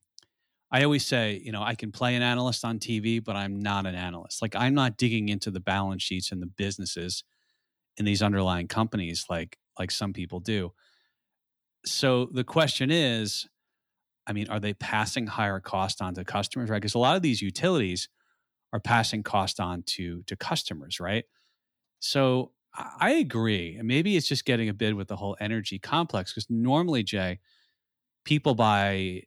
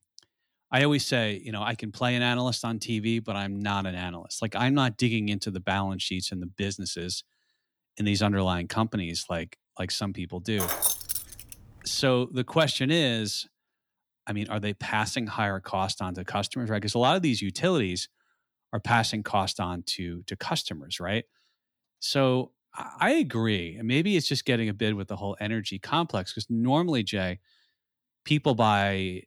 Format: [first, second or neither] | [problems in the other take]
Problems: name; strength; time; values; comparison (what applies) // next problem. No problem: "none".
first | jangling keys; loud; at 11 s; peak 3 dB above the speech